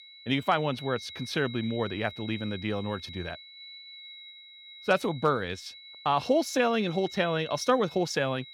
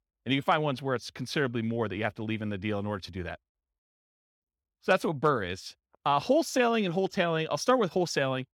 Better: second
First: high-pitched whine; noticeable; throughout; 4 kHz, 15 dB below the speech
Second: none

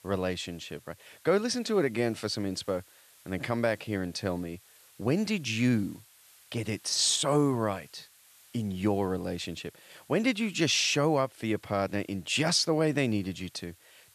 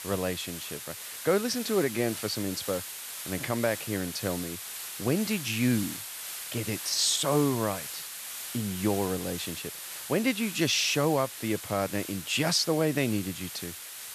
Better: first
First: hiss; faint; throughout; 25 dB below the speech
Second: hiss; loud; throughout; 8 dB below the speech

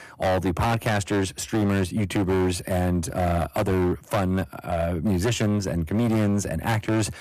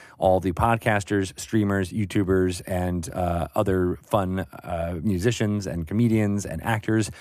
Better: second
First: distortion; heavy; 17% of the sound clipped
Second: none

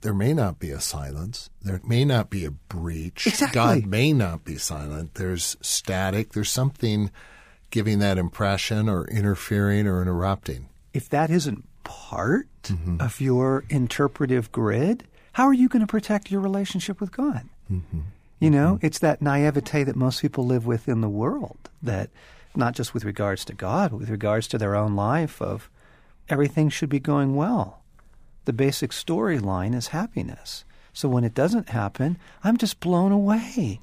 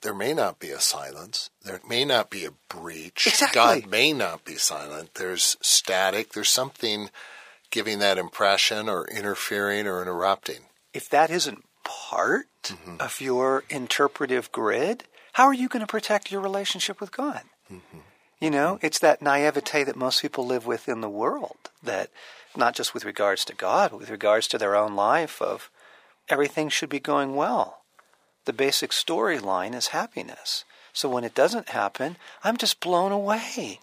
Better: first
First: none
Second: thin; very; fading below 550 Hz

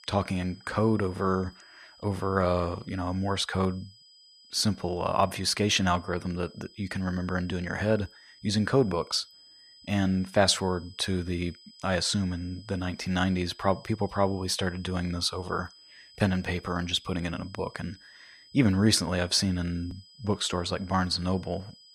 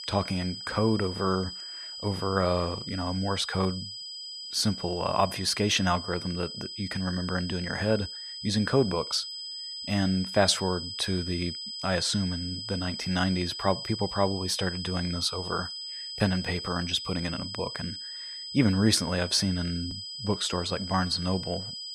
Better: first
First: high-pitched whine; faint; throughout; 5 kHz, 25 dB below the speech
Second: high-pitched whine; loud; throughout; 5 kHz, 7 dB below the speech

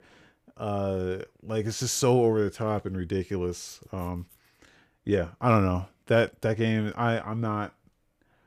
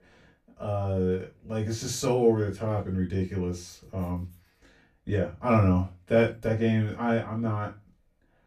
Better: first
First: none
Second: off-mic speech; far // room echo; very slight; dies away in 0.2 s

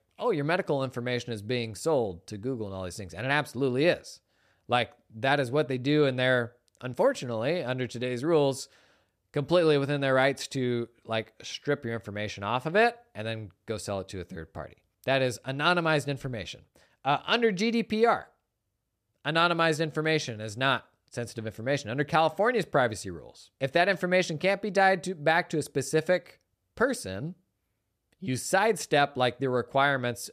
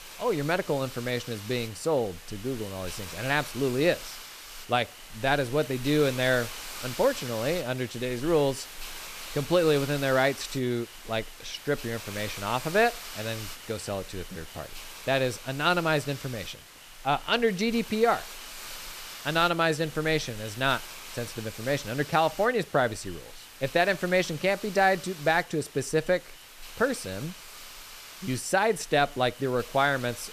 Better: first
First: none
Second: hiss; noticeable; throughout; 15 dB below the speech

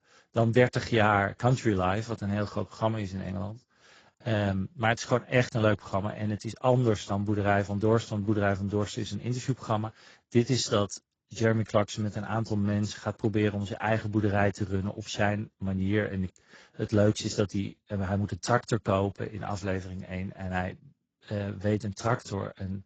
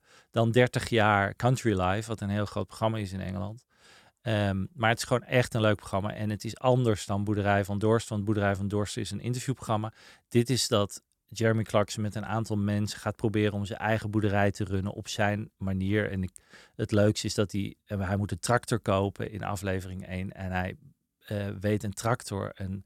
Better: second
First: garbled, watery; badly; nothing above 7.5 kHz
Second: none

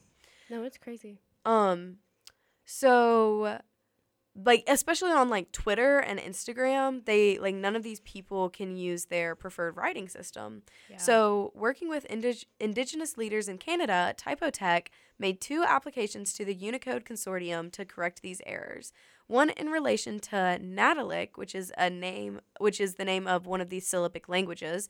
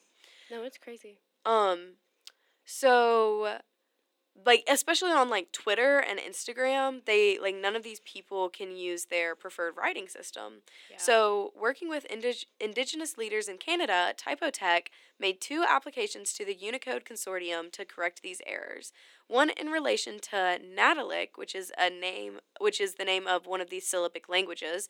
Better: first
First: none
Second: thin; somewhat; fading below 300 Hz

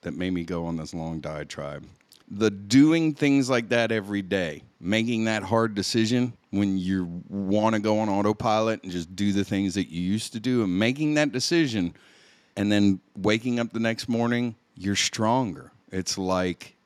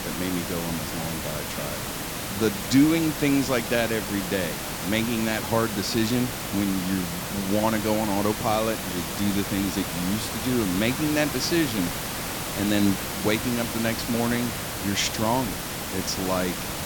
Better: first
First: none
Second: hiss; loud; throughout; 3 dB below the speech

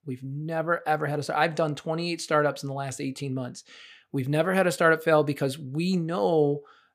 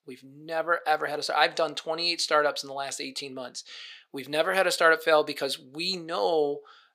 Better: first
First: none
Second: thin; somewhat; fading below 500 Hz

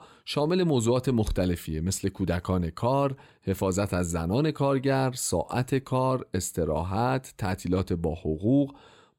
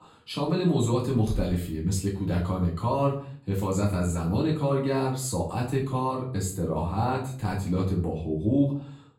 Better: first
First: none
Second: off-mic speech; far // room echo; slight; dies away in 0.4 s

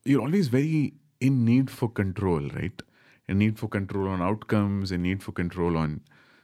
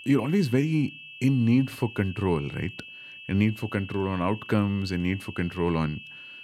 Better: first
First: none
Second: high-pitched whine; noticeable; throughout; 2.5 kHz, 15 dB below the speech

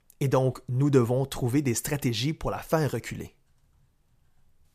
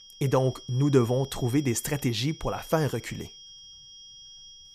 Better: first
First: none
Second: high-pitched whine; noticeable; throughout; 3.5 kHz, 20 dB below the speech

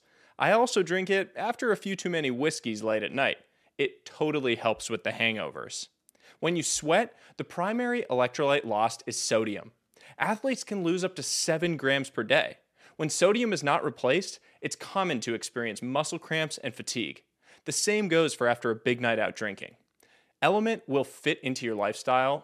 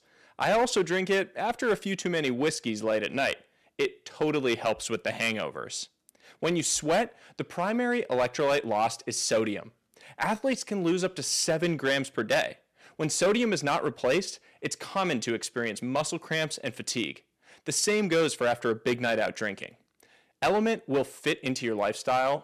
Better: first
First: none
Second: distortion; slight; 4% of the sound clipped

